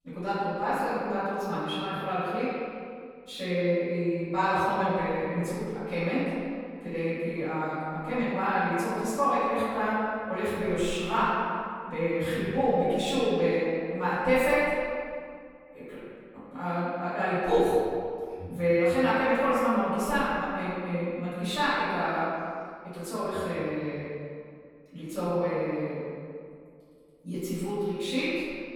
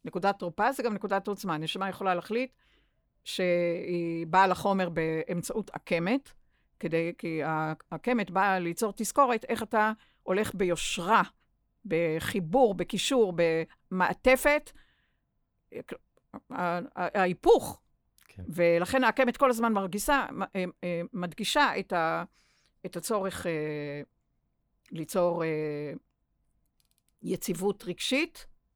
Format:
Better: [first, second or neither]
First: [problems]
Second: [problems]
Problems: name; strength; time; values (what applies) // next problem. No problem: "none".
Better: second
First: off-mic speech; far // room echo; strong; dies away in 2 s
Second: none